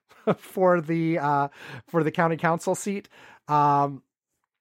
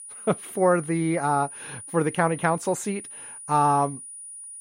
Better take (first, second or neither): first